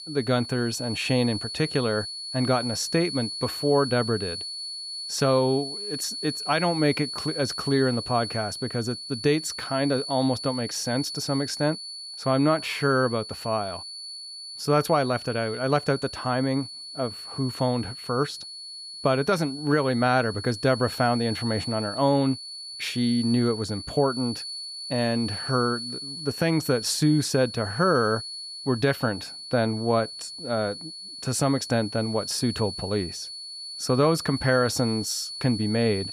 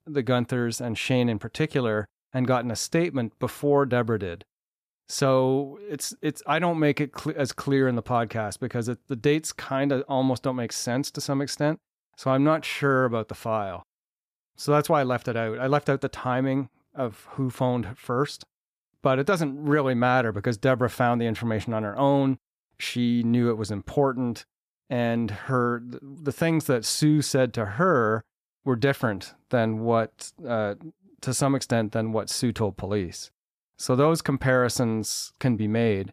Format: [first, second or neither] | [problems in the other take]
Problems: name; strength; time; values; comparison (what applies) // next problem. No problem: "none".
second | high-pitched whine; loud; throughout; 4.5 kHz, 8 dB below the speech